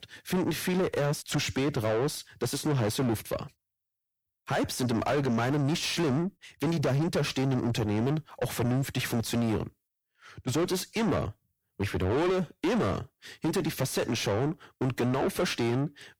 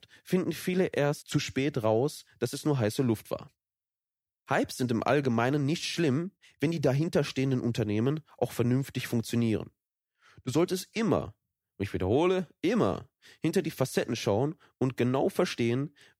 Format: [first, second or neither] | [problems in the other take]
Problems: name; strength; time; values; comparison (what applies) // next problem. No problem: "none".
second | distortion; heavy; 7 dB below the speech